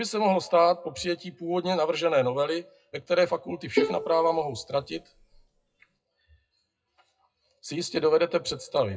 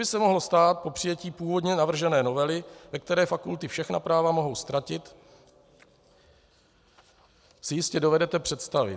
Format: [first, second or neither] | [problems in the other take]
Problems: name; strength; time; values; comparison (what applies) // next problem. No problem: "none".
second | noise reduction (classical method WPE with log-MMSE)